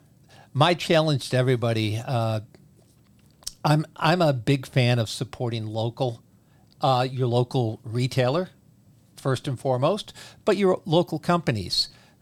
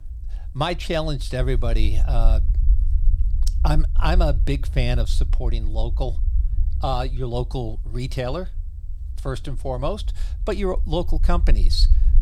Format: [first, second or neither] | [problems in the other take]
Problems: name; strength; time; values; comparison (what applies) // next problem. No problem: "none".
first | low rumble; noticeable; throughout; 20 dB below the speech